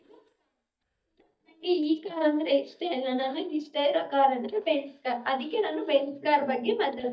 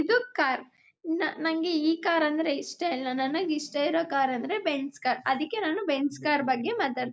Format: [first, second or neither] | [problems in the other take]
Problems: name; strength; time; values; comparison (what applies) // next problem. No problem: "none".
second | noise reduction (neural mask model DeepFilterNet 3)